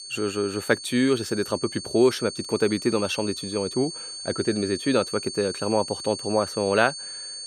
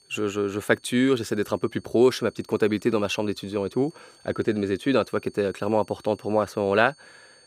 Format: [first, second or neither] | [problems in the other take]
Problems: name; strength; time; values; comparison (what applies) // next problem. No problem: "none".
second | high-pitched whine; loud; throughout; 4.5 kHz, 9 dB below the speech; faint in the second